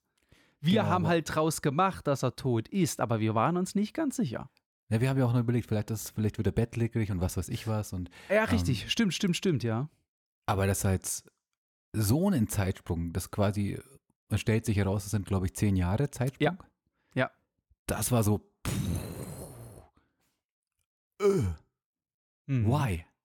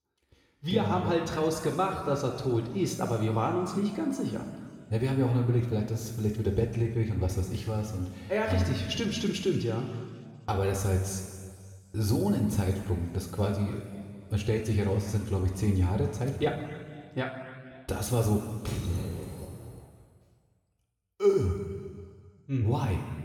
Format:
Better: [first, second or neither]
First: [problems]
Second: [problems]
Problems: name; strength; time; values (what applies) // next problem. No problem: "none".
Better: first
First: none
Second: room echo; noticeable; dies away in 1.9 s // off-mic speech; somewhat distant